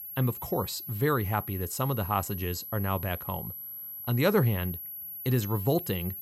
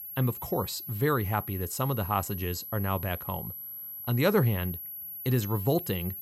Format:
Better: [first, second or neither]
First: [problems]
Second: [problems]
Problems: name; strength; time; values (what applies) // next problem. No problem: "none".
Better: neither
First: high-pitched whine; loud; throughout; 12 kHz, 8 dB below the speech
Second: high-pitched whine; loud; throughout; 12 kHz, 8 dB below the speech